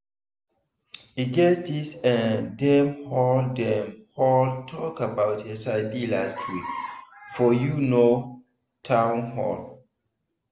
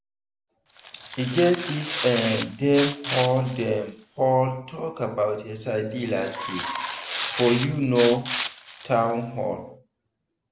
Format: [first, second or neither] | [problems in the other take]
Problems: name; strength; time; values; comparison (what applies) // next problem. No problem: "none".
first | background sound (Tearing); 9 dB below the speech